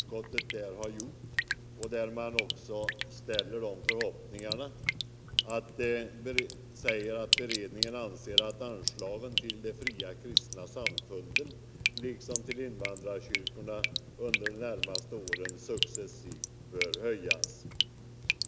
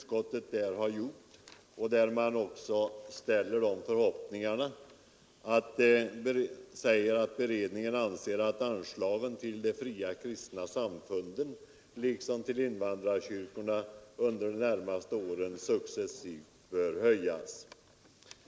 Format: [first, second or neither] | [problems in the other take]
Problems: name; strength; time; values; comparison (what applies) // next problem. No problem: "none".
second | background sound (Drip); 3 dB above the speech